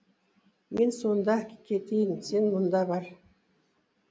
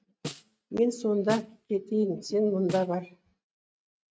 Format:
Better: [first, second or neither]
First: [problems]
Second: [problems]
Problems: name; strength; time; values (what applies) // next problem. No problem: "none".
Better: first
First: none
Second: noise reduction (neural mask model RNNoise)